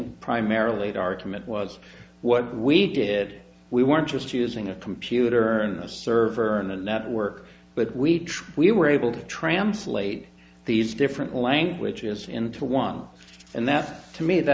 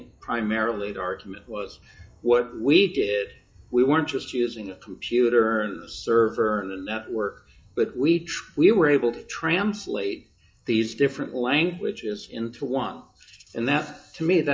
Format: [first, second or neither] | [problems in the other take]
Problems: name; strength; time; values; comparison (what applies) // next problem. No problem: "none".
first | noise reduction (classical method WPE with log-MMSE)